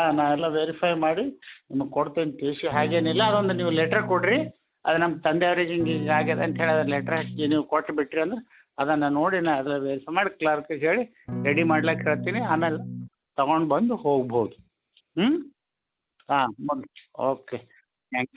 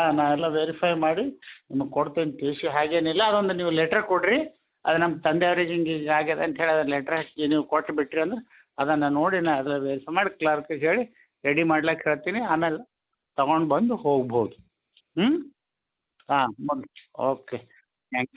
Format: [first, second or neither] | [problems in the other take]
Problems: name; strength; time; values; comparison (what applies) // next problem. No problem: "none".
second | background sound (Electric guitar / Strum); 7 dB below the speech